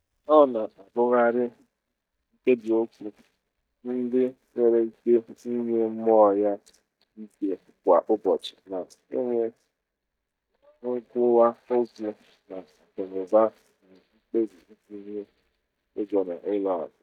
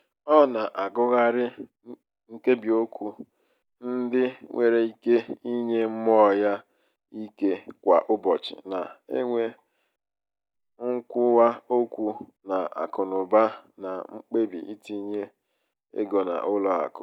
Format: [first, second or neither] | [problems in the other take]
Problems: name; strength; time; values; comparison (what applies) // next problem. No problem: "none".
second | noise reduction (neural mask model DeepFilterNet 3)